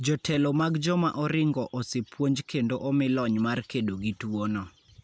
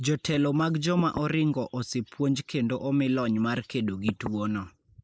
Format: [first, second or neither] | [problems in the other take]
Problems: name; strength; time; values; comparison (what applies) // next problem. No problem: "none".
first | noise reduction (neural mask model Resemble Enhance denoiser)